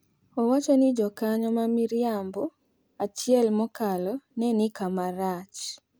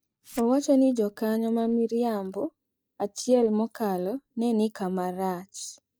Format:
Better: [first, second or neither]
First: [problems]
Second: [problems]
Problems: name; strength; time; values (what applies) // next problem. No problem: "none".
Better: first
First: none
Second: noise reduction (neural mask model DeepFilterNet 3)